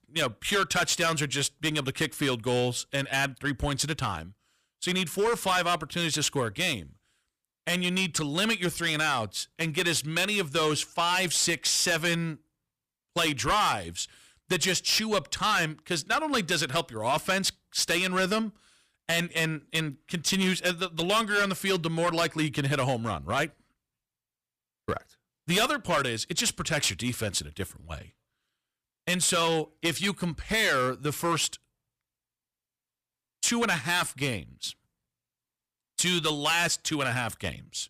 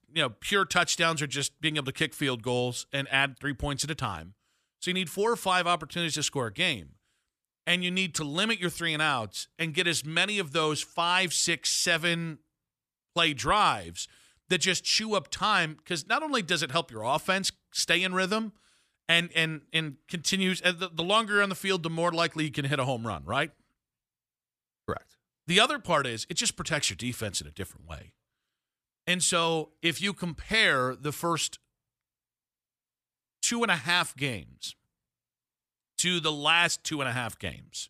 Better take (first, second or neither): second